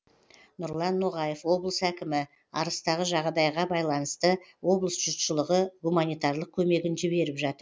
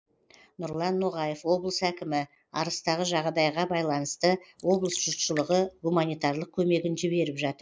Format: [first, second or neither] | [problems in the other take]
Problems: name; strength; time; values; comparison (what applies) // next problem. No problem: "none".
first | noise reduction (neural mask model Resemble Enhance denoiser)